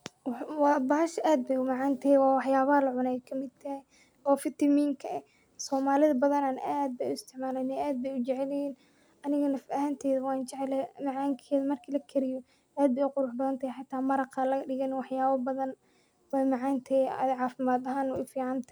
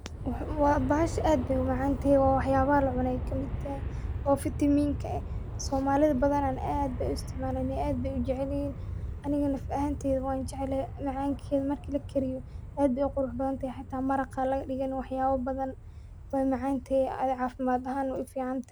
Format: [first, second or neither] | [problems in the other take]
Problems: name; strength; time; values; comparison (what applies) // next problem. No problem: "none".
first | background sound (Aircraft); 7 dB below the speech